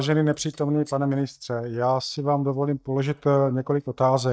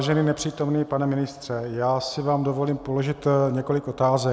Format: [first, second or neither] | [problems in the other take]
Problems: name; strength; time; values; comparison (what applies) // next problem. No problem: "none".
second | noise reduction (neural mask model DeepFilterNet 3)